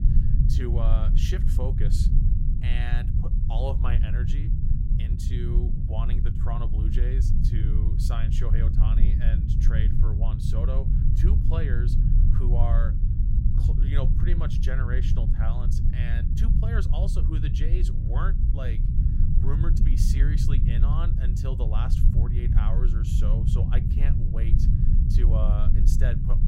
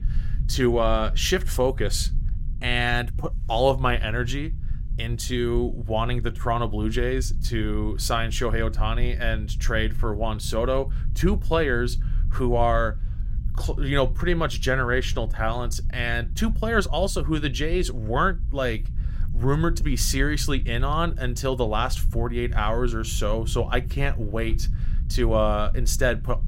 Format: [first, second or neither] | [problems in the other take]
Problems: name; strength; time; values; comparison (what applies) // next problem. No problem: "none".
second | low rumble; loud; throughout; 1 dB below the speech; faint in the second